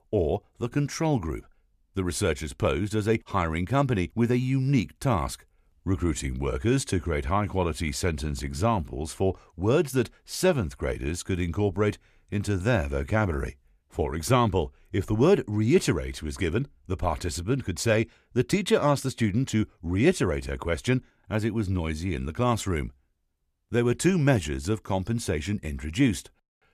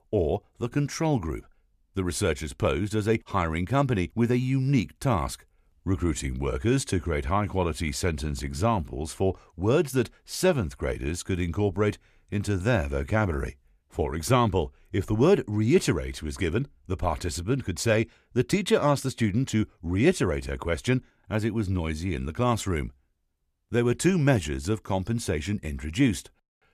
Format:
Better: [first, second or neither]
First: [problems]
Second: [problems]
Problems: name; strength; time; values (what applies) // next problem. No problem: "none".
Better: neither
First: none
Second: none